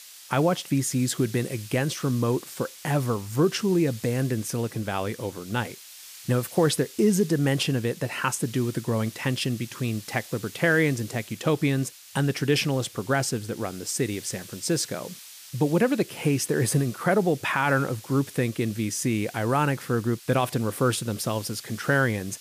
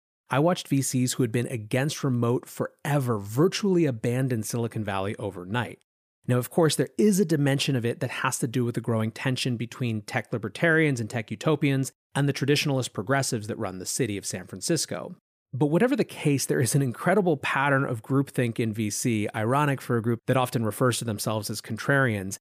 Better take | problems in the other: second | hiss; noticeable; throughout; 15 dB below the speech

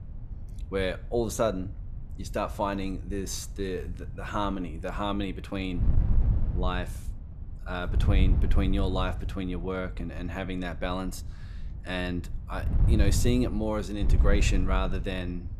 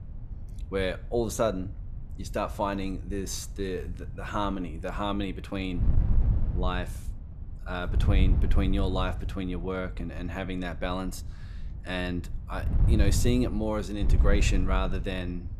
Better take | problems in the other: neither | wind noise on the microphone; occasional gusts; 15 dB below the speech; the same in both

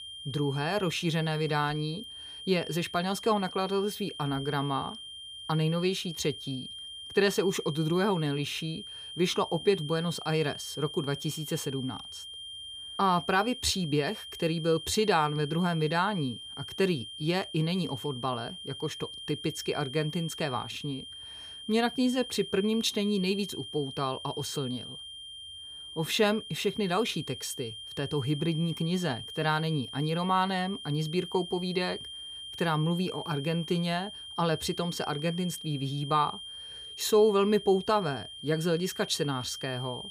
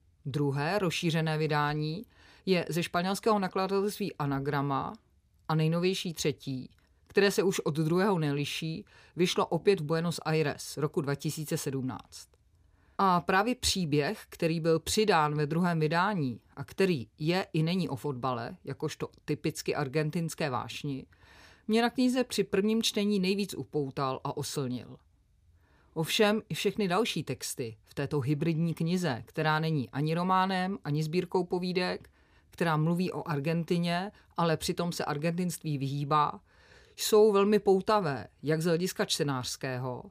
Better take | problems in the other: second | high-pitched whine; noticeable; throughout; 3 kHz, 10 dB below the speech

